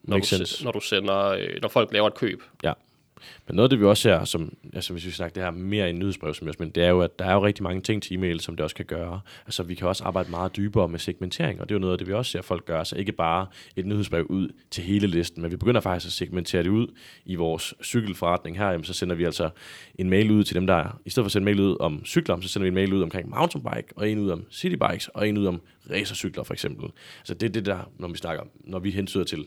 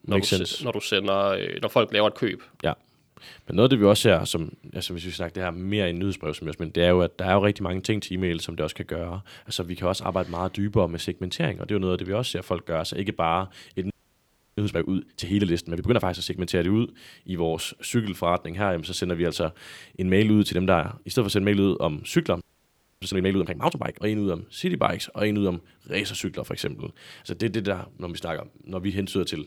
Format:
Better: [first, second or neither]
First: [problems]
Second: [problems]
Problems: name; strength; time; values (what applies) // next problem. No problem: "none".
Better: first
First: none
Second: audio freezing; at 14 s for 0.5 s and at 22 s for 0.5 s